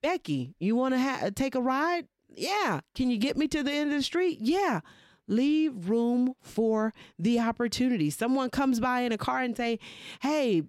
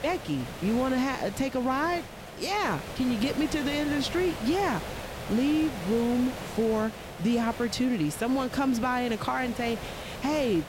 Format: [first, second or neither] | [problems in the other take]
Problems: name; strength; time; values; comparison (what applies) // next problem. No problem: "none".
first | hiss; noticeable; throughout; 10 dB below the speech